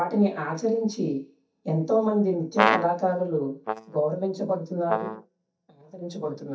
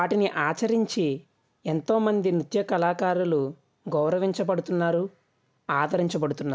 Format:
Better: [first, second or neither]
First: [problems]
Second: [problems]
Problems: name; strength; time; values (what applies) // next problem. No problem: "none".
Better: second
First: noise reduction (neural mask model DeepFilterNet 3)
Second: none